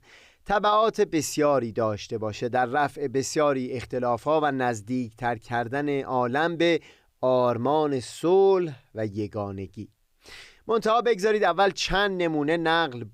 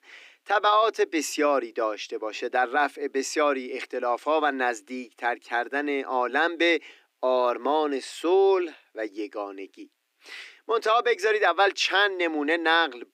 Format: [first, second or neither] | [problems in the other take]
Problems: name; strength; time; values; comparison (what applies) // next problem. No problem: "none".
first | thin; very slightly; fading below 250 Hz